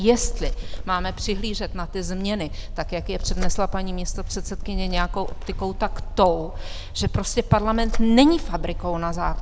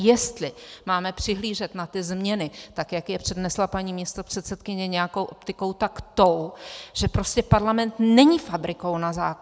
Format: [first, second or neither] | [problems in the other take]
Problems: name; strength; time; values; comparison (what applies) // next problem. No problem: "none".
second | background sound (Purr); 2 dB below the speech